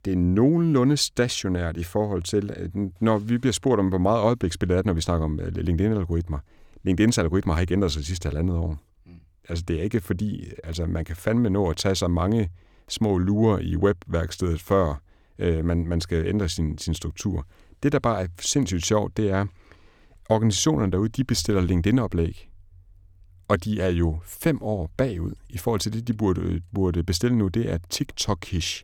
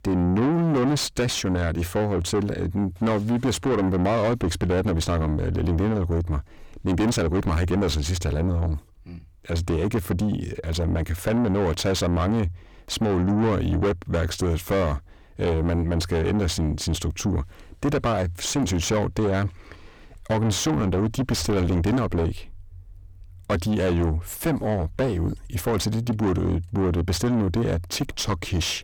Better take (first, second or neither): first